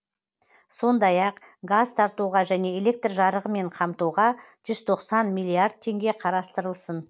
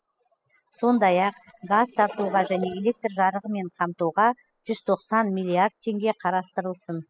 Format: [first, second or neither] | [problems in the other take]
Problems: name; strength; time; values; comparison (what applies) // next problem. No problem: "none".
first | noise reduction (classical method spectral subtraction)